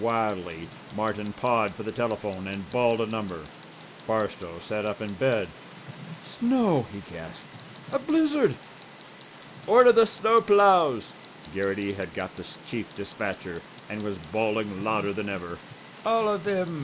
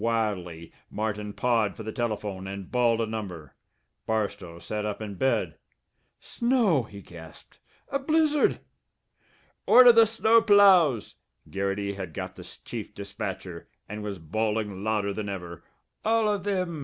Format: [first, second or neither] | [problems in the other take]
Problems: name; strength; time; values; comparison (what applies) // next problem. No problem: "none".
second | background sound (Tick); 18 dB below the speech